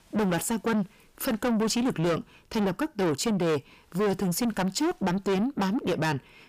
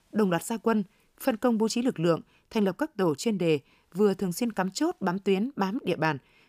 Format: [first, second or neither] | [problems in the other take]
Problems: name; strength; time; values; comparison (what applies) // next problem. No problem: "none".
second | distortion; heavy; 6 dB below the speech